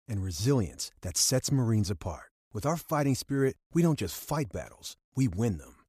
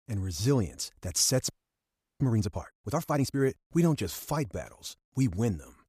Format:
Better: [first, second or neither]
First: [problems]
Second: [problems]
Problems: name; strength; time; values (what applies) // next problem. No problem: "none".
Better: first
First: none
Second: audio freezing; at 1.5 s for 0.5 s